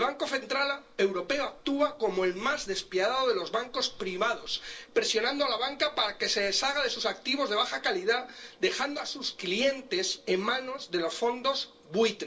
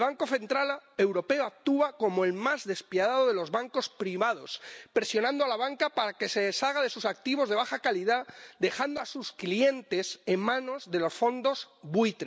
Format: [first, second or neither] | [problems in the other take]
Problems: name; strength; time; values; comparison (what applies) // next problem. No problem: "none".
second | noise reduction (neural separator model SepFormer DNS4)